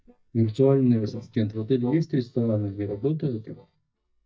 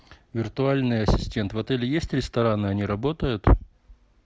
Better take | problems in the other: second | noise reduction (neural mask model DeepFilterNet 3)

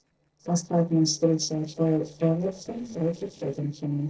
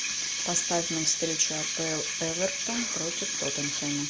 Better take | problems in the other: second | noise reduction (neural separator model SepFormer DNS4)

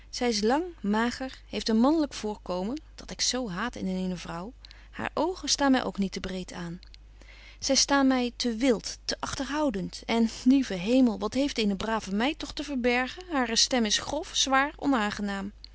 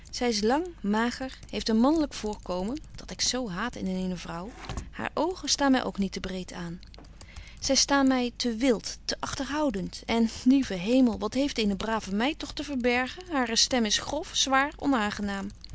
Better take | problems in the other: first | background sound (Typing); 19 dB below the speech

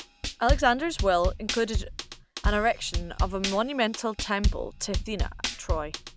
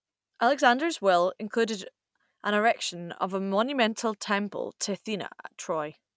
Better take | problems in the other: second | background sound (Drum kit); 2 dB below the speech

